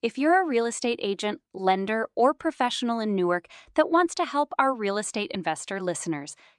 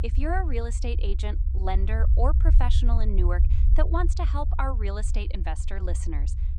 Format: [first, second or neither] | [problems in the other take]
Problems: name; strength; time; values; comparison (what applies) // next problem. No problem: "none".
first | low rumble; noticeable; throughout; 10 dB below the speech